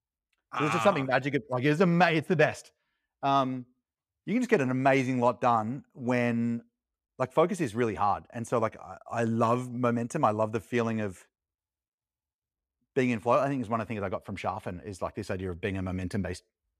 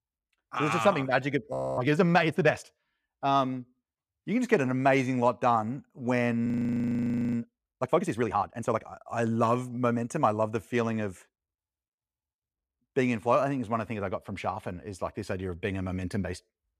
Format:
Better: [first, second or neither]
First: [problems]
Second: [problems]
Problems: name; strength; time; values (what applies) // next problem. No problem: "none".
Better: first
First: none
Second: audio freezing; at 1.5 s and at 6.5 s for 1 s